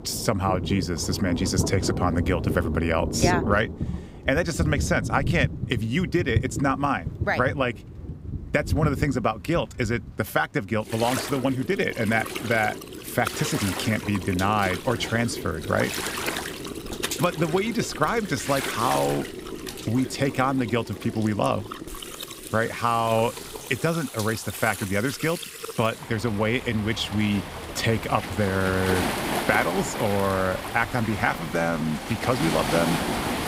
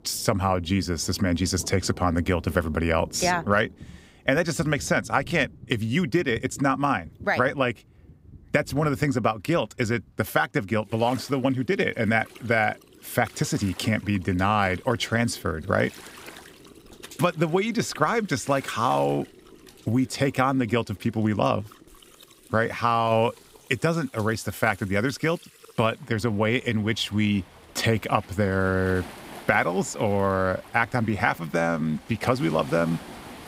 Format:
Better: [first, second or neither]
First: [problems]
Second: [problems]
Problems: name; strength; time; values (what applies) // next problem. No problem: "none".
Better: second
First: rain or running water; loud; throughout; 6 dB below the speech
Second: rain or running water; faint; throughout; 20 dB below the speech